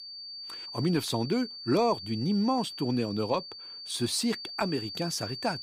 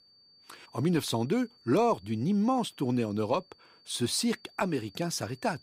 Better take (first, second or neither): second